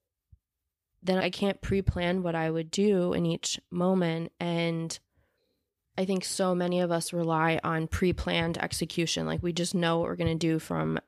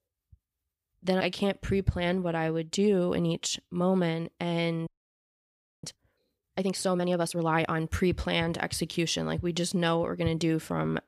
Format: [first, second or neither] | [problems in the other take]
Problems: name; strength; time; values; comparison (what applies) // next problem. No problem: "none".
first | audio freezing; at 5 s for 1 s